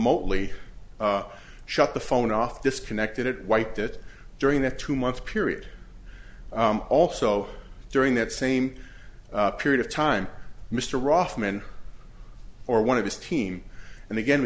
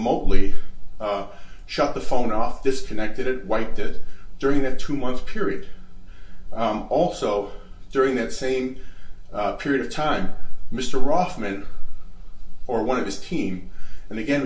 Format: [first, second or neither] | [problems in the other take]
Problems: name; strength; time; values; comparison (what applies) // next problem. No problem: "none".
first | room echo; dies away in 0.2 s